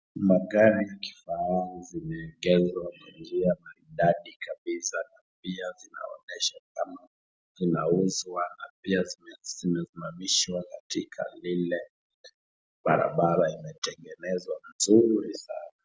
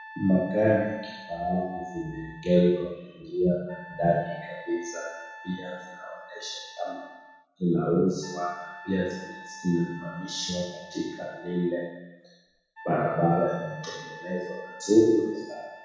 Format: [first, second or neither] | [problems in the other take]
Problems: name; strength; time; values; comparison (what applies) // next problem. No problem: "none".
first | background sound (Wind instrument, woodwind instrument); 18 dB below the speech // room echo; dies away in 1.1 s